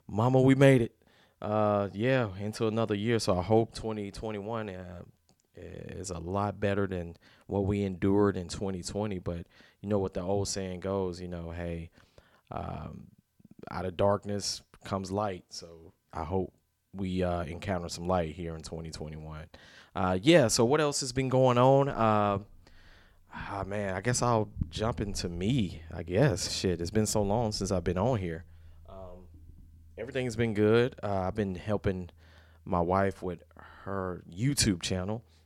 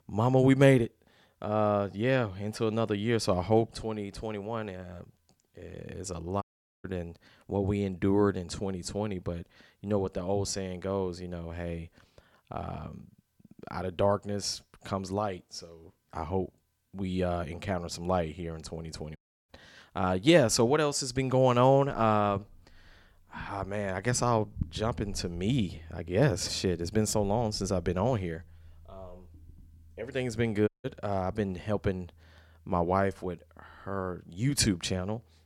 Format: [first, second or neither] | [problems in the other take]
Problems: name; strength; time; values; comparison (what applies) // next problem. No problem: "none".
first | audio cutting out; at 6.5 s, at 19 s and at 31 s